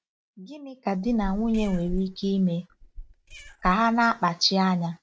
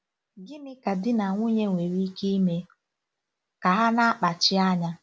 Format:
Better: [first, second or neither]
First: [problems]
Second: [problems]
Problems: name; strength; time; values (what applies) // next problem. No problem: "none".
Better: second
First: noise reduction (neural mask model RNNoise)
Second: none